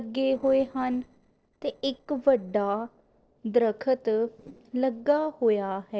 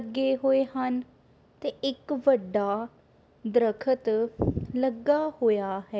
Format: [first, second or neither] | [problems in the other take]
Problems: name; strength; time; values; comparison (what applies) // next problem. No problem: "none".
second | noise reduction (neural separator model SepFormer DNS4)